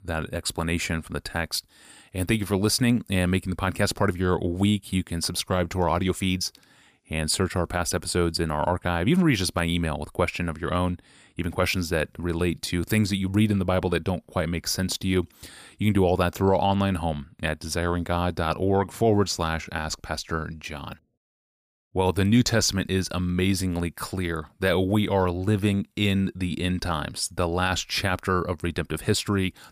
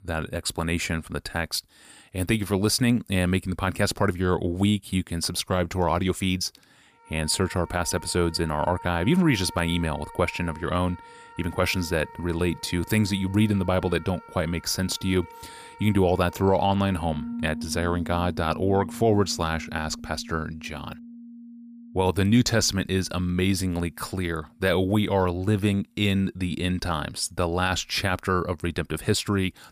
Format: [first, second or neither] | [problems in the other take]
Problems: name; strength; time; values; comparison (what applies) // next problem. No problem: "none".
first | background music; noticeable; throughout; 15 dB below the speech